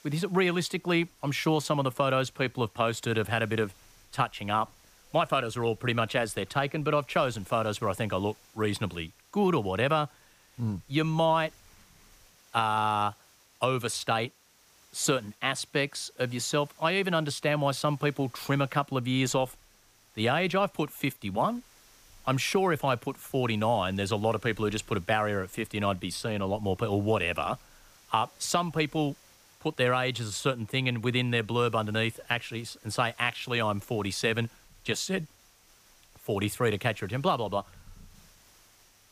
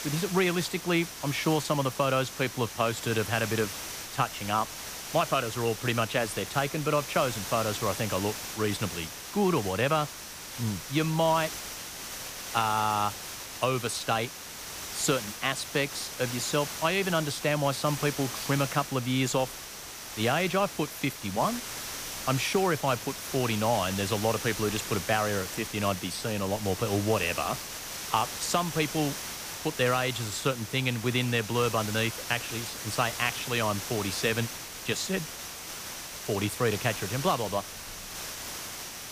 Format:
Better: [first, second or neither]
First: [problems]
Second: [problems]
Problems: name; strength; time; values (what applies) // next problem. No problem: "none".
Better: first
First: hiss; faint; throughout; 30 dB below the speech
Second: hiss; loud; throughout; 7 dB below the speech